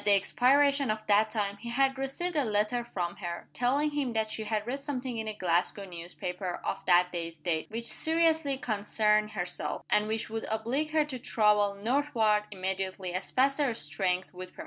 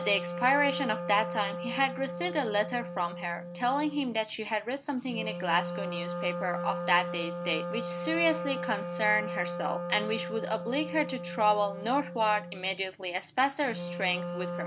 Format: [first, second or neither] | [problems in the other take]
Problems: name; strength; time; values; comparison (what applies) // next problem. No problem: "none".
first | background sound (Wind instrument, woodwind instrument); 6 dB below the speech